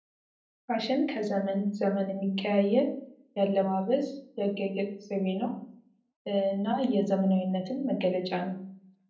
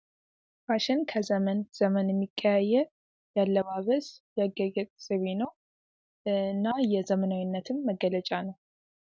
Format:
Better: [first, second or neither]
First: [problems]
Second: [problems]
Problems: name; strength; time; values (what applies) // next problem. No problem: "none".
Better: second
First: room echo; dies away in 0.6 s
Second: none